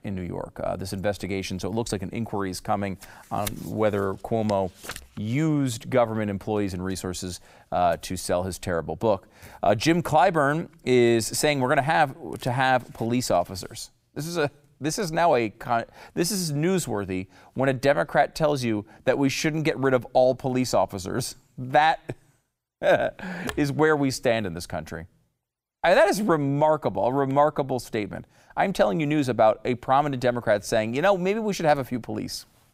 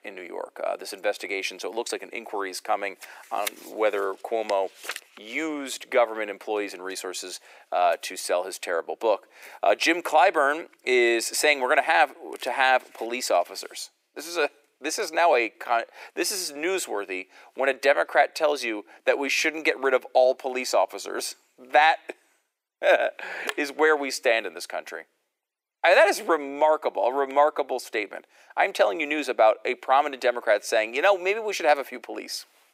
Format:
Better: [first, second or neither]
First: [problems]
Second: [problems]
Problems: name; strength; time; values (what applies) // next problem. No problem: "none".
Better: first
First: none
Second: thin; very; fading below 350 Hz